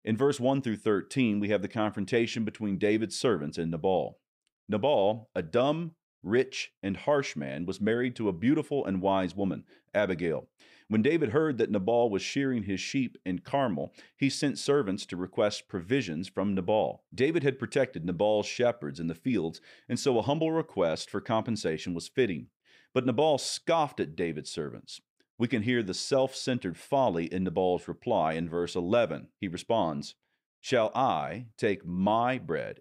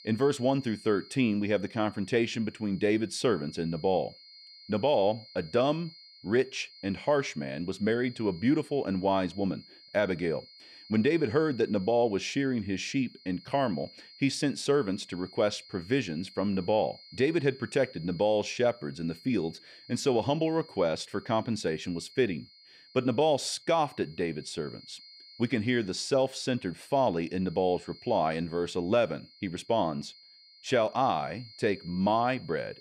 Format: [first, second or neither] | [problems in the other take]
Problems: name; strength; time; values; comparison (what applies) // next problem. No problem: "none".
first | high-pitched whine; faint; throughout; 4.5 kHz, 20 dB below the speech